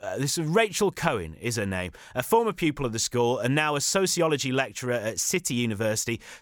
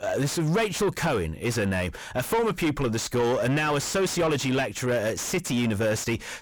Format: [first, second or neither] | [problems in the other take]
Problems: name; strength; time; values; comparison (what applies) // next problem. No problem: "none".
first | distortion; heavy; 6 dB below the speech